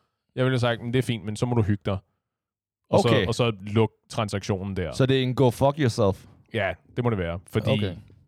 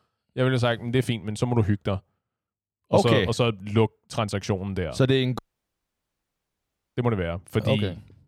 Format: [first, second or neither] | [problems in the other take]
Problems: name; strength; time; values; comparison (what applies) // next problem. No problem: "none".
first | audio cutting out; at 5.5 s for 1.5 s